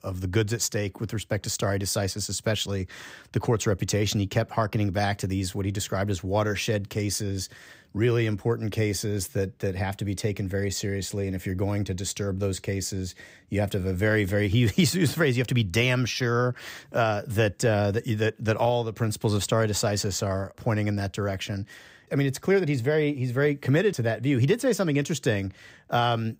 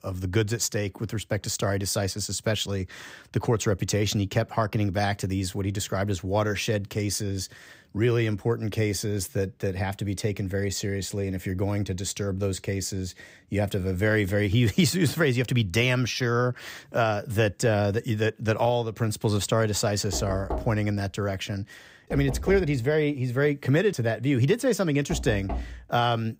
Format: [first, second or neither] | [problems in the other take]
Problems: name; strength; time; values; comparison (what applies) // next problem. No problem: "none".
first | door banging; noticeable; from 20 to 26 s; peak 7 dB below the speech